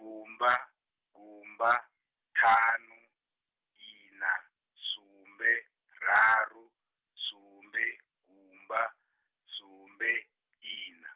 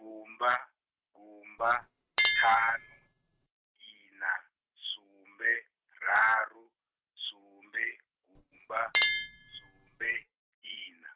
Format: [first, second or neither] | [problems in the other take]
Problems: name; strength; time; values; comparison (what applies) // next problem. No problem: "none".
first | noise reduction (neural mask model RNNoise)